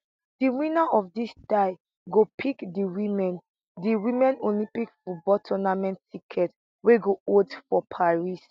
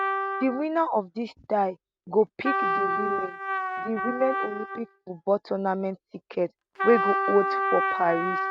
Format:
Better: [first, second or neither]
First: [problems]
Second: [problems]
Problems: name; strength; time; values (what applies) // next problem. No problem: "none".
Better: first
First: none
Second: noise reduction (neural mask model RNNoise)